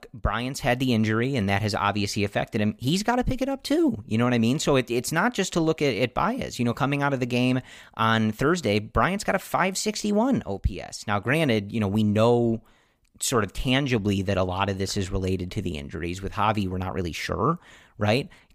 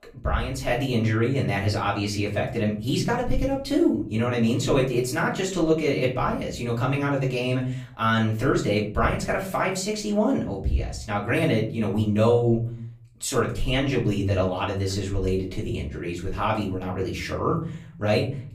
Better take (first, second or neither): first